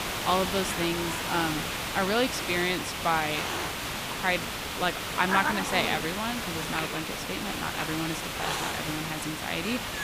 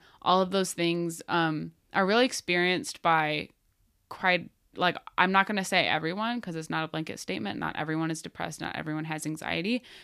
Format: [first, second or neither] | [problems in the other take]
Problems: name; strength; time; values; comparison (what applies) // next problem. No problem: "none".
second | hiss; loud; throughout; 1 dB below the speech